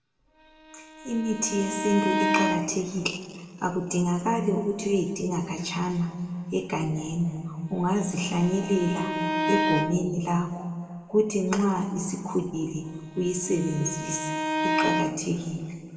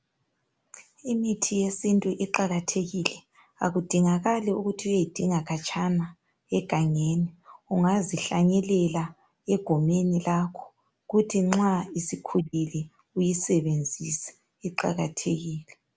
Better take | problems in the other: second | background sound (Bowed string instrument); 3 dB below the speech // room echo; dies away in 1.8 s

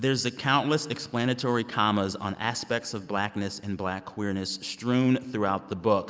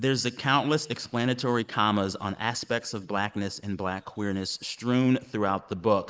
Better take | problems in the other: first | noise reduction (neural mask model Resemble Enhance denoiser)

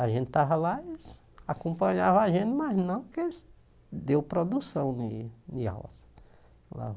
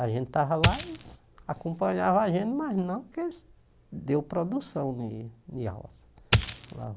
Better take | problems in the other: first | background sound (Coin (dropping)); 3 dB above the speech

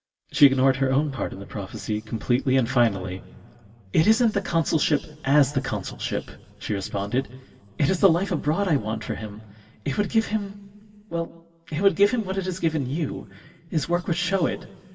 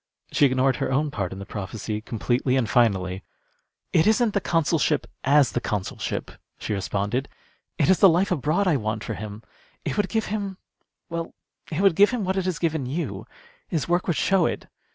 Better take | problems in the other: second | room echo; dies away in 2.1 s

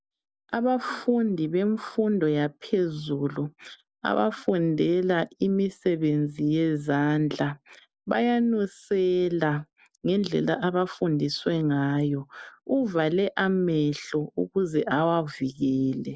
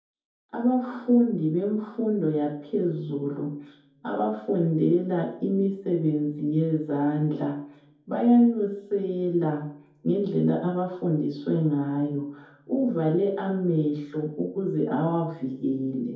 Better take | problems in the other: first | room echo; dies away in 0.6 s

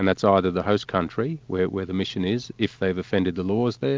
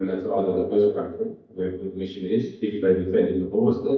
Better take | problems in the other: first | noise reduction (neural mask model DeepFilterNet 3)

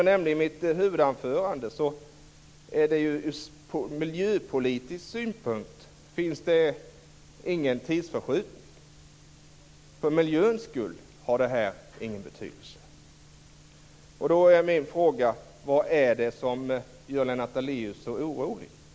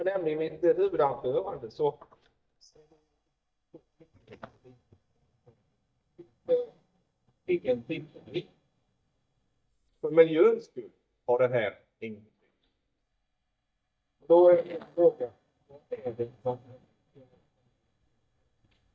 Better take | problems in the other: first | noise reduction (neural mask model DeepFilterNet 3)

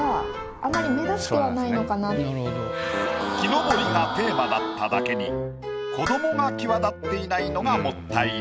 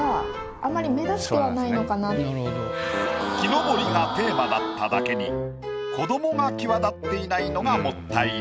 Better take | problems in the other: second | background sound (Dishes, pots, and pans); 13 dB below the speech

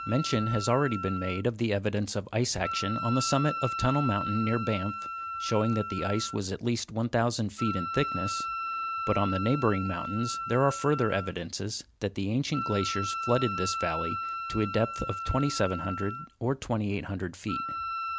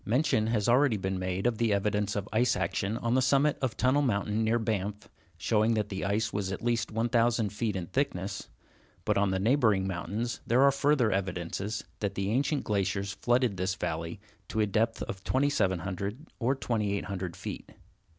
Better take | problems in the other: second | background sound (Wind instrument, woodwind instrument); 6 dB below the speech

